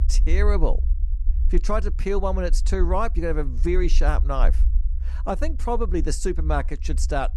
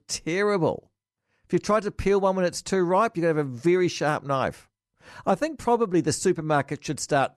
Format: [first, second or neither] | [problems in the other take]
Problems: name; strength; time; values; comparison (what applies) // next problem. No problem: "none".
second | low rumble; noticeable; throughout; 20 dB below the speech